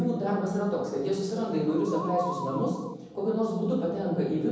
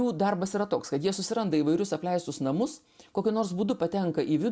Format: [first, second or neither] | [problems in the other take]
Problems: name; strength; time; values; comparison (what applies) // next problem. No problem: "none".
second | background sound (Musical instrument); 9 dB below the speech // room echo; dies away in 1.1 s